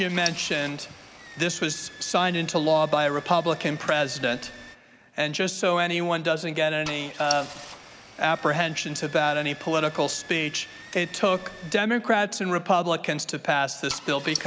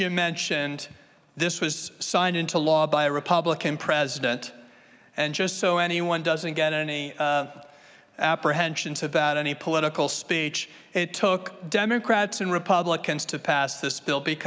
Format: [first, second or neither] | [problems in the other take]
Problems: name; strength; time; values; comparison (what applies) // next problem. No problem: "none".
second | background sound (Engine starting / Car); 16 dB below the speech